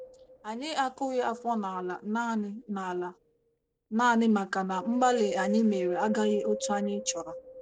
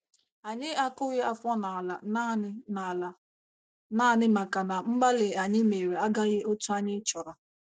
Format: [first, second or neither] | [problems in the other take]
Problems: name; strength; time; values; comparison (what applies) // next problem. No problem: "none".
second | background sound (Wind); 11 dB below the speech